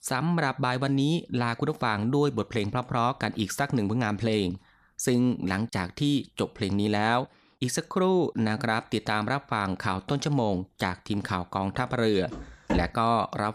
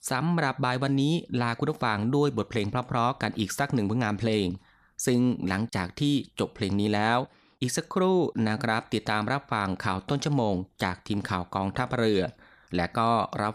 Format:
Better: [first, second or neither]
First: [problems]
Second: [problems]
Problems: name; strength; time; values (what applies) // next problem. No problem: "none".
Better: second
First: footsteps; noticeable; at 12 s; peak 4 dB below the speech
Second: none